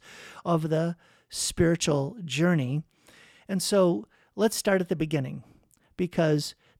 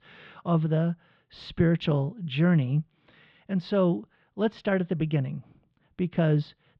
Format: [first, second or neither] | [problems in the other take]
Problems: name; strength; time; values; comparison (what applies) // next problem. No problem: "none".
first | muffled; very; fading above 3.5 kHz